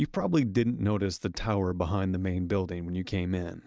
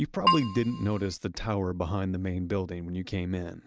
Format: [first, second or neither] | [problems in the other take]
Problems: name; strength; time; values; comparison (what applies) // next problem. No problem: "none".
first | background sound (Keyboard (musical)); 1 dB above the speech